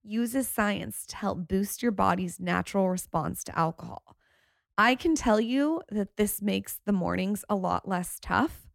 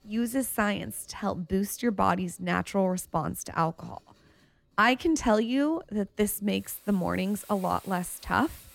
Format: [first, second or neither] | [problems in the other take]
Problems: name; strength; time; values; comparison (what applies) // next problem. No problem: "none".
first | household noises; faint; throughout; 25 dB below the speech